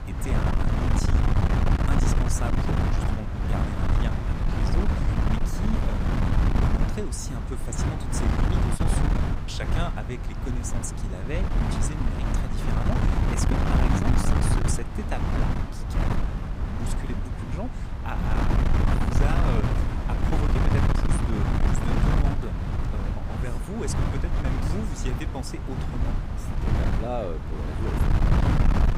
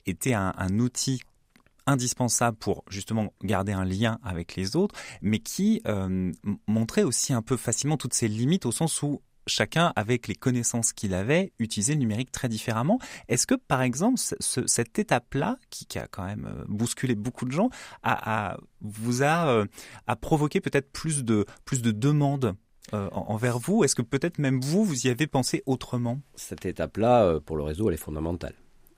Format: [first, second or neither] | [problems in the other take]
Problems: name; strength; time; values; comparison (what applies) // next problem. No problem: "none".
second | wind noise on the microphone; heavy; 5 dB above the speech